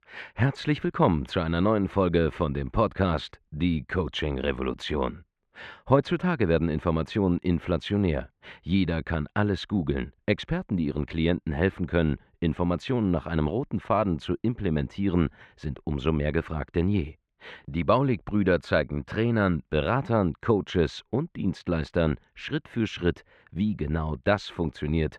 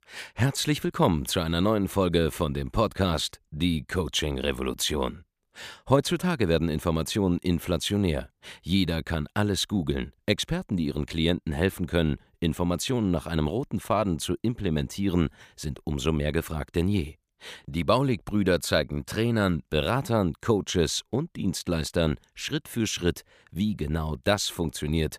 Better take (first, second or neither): second